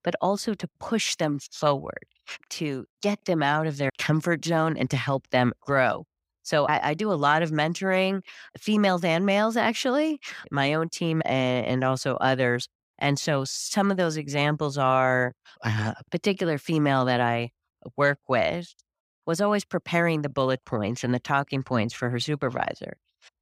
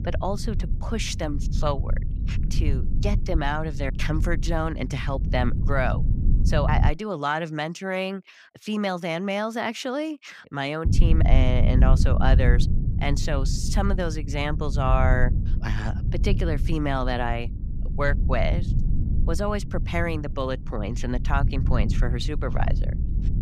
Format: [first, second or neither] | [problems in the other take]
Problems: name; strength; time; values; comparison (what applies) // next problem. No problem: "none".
first | low rumble; noticeable; until 7 s and from 11 s on; 10 dB below the speech